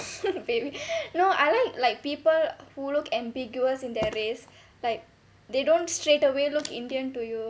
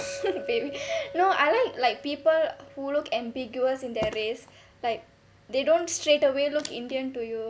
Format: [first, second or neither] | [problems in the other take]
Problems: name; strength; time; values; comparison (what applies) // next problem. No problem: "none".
first | background sound (Chink, clink); 17 dB below the speech